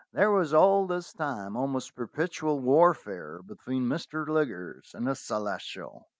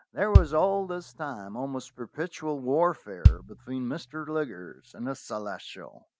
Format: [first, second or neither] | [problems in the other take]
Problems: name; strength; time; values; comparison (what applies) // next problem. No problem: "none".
first | background sound (Bass drum); 5 dB above the speech